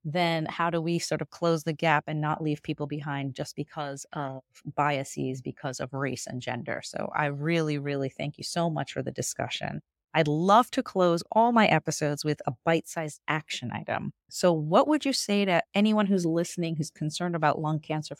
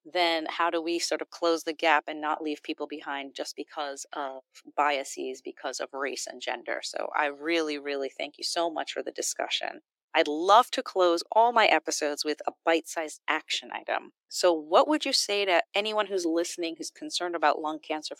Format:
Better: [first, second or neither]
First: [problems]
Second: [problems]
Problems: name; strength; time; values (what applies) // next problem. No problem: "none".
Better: first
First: none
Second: thin; very; fading below 300 Hz